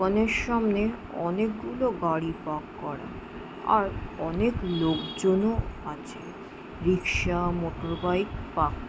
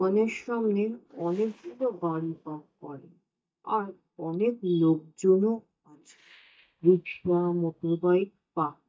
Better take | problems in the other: first | noise reduction (neural mask model DeepFilterNet 3)

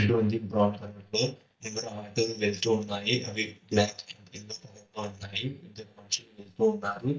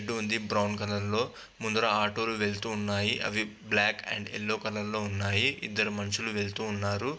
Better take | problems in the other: second | noise reduction (neural mask model DeepFilterNet 3)

